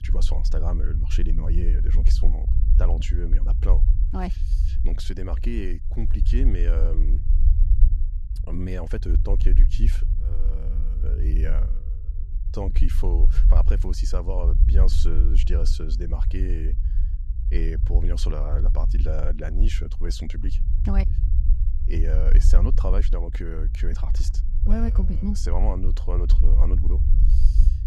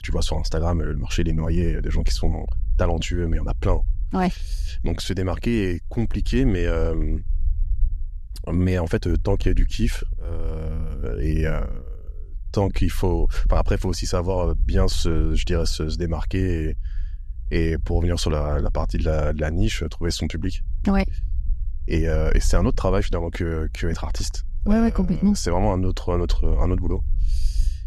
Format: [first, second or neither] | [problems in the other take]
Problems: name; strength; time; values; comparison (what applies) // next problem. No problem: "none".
second | low rumble; loud; throughout; 8 dB below the speech; faint in the second